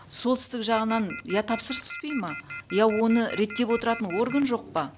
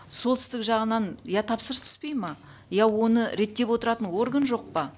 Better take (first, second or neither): second